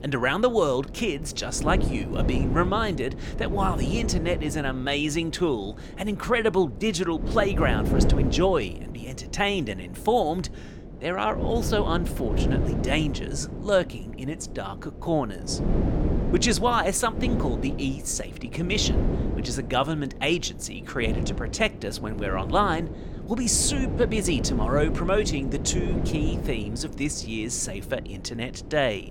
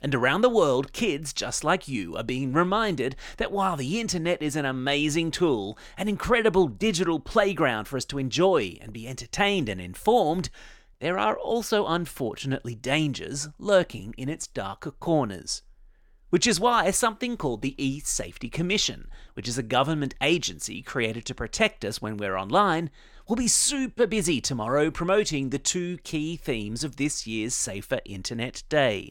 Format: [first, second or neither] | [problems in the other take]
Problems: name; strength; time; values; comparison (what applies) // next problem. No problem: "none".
second | wind noise on the microphone; occasional gusts; 10 dB below the speech